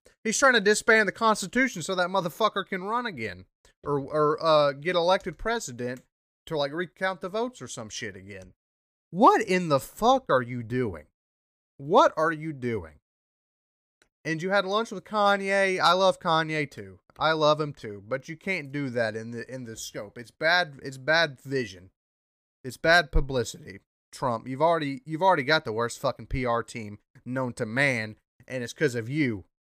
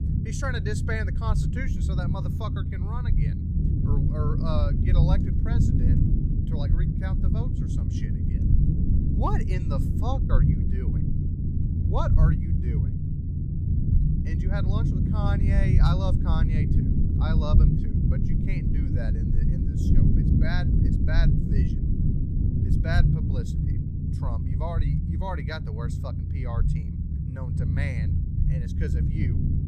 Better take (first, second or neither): first